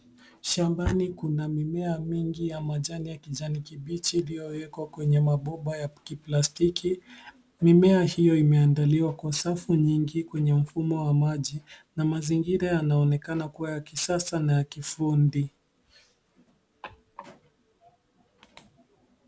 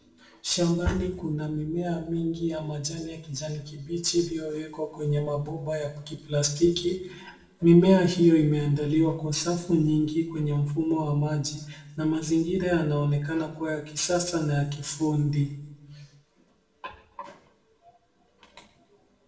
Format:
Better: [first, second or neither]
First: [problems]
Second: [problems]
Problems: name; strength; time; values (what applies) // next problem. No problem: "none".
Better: first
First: none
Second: room echo; dies away in 0.7 s